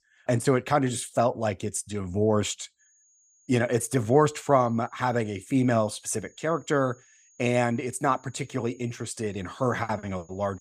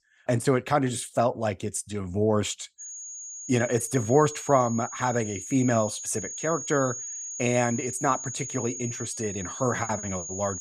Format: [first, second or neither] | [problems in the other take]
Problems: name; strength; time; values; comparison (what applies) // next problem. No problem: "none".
first | high-pitched whine; loud; from 3 s on; 6.5 kHz, 8 dB below the speech; faint in the first